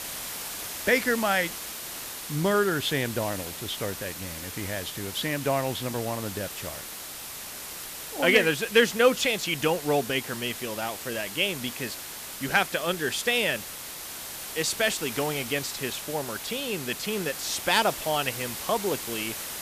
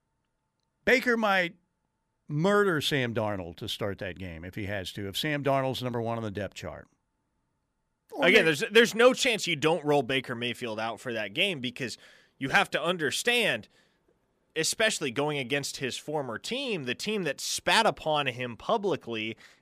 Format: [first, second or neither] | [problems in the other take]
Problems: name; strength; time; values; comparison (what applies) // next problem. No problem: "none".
second | hiss; loud; throughout; 8 dB below the speech